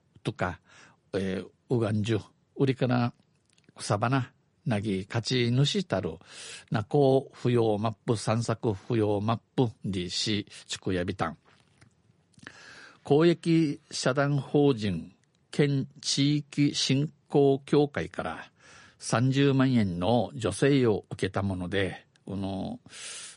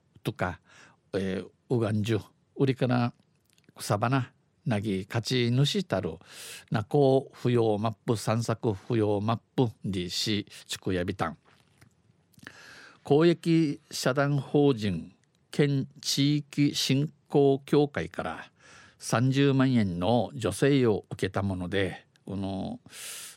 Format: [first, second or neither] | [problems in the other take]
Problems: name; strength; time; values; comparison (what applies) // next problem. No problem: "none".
second | garbled, watery; slightly; nothing above 10.5 kHz